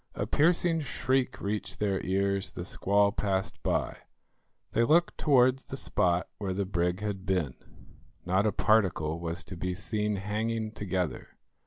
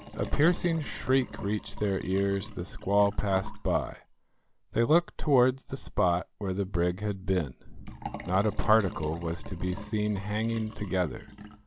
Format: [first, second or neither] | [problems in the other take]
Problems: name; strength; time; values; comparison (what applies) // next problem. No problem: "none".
first | background sound (Liquid); 17 dB below the speech